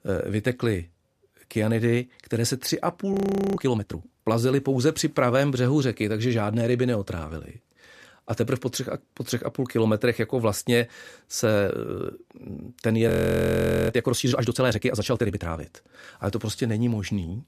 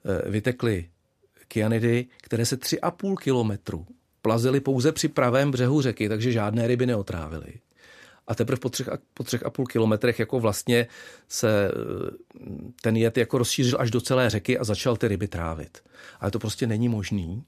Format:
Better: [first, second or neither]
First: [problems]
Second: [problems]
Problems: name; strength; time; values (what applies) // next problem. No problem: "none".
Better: second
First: audio freezing; at 3 s and at 13 s for 1 s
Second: none